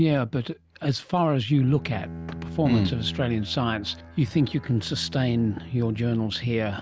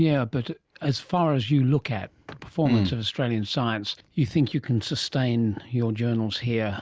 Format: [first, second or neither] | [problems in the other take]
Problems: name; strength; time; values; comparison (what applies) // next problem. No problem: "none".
second | background sound (Bowed string instrument); 14 dB below the speech